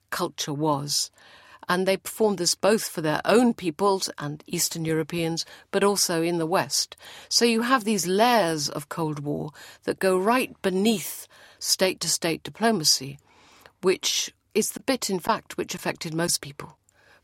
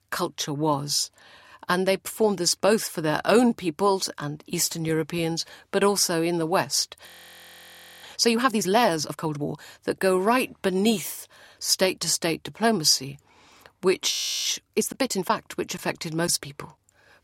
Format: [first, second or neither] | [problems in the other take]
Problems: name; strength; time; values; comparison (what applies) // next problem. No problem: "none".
first | audio freezing; at 7 s for 1 s and at 14 s